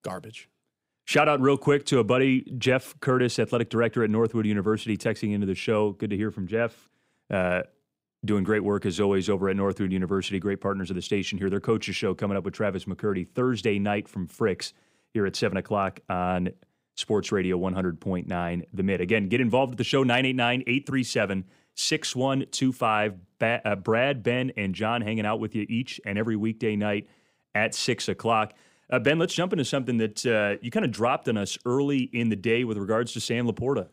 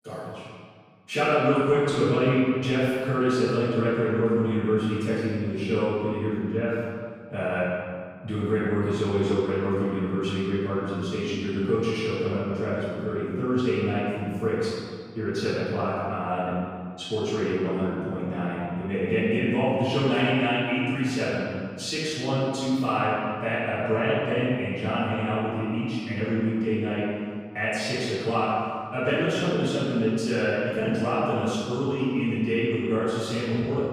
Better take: first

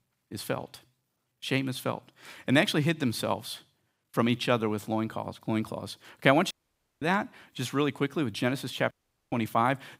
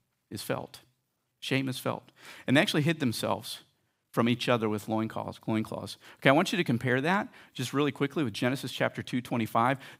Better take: second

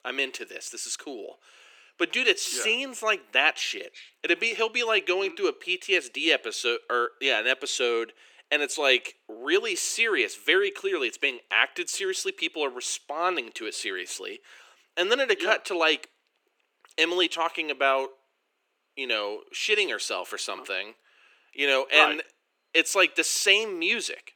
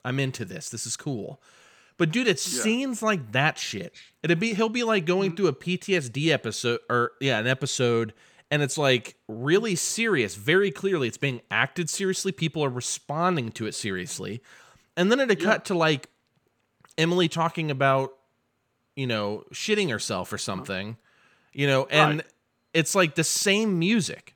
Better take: second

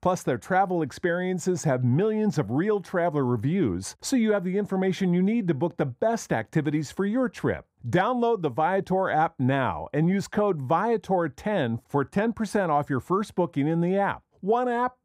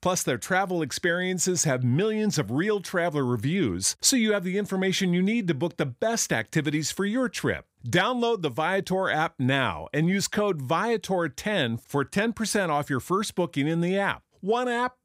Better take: second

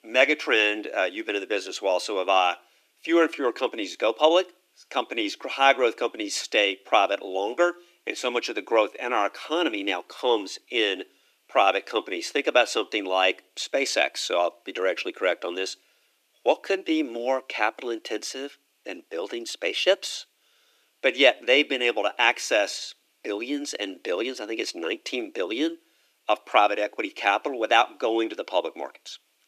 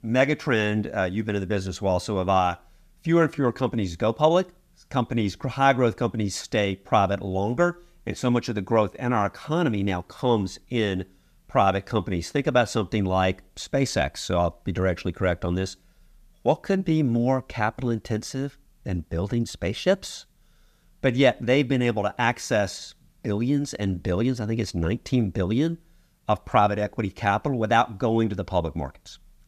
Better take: second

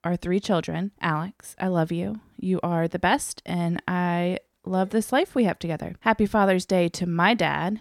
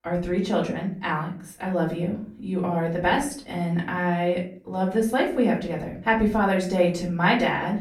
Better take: first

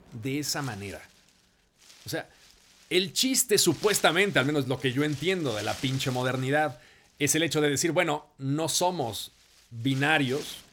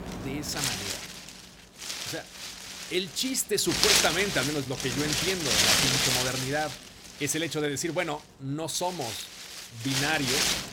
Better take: first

